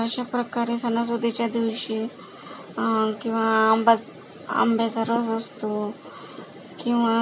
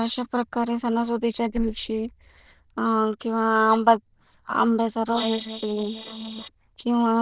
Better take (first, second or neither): first